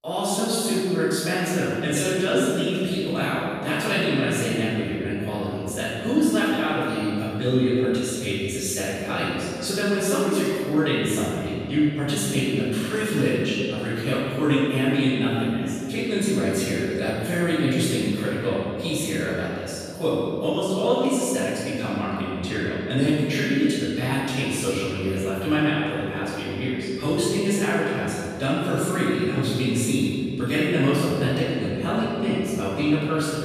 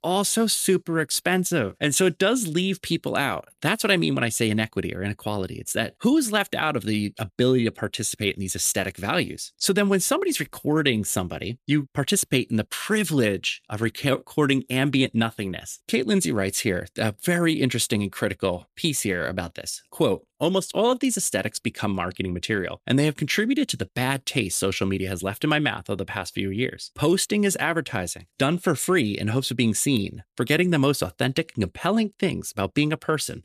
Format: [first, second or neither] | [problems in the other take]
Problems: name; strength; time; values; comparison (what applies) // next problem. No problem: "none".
second | off-mic speech; far // room echo; strong; dies away in 2.1 s